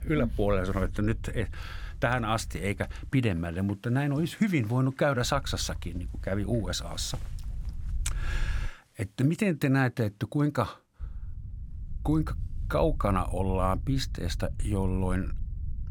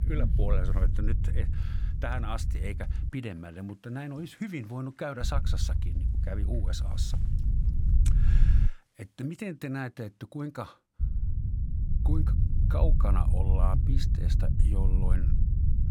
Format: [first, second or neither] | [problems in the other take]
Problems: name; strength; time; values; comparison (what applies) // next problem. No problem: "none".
first | low rumble; loud; until 3 s, from 5 to 8.5 s and from 11 s on; 6 dB below the speech; faint in the first